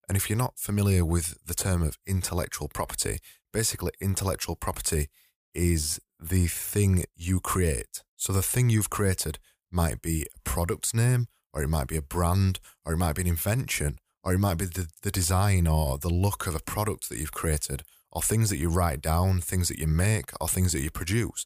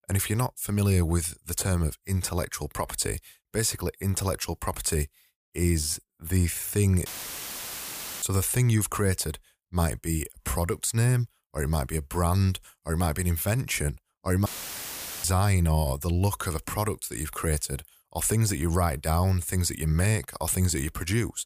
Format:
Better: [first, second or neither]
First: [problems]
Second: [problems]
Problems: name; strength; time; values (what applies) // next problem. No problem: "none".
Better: first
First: none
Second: audio cutting out; filled with static; at 7 s for 1 s and at 14 s for 1 s